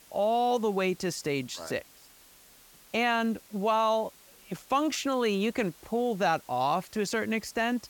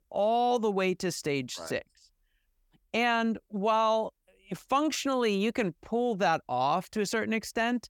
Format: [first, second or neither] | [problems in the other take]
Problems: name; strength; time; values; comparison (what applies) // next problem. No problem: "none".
second | hiss; faint; throughout; 25 dB below the speech